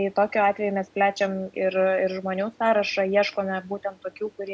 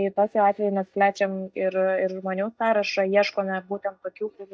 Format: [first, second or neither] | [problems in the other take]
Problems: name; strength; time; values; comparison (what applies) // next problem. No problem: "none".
first | noise reduction (neural mask model DeepFilterNet 3)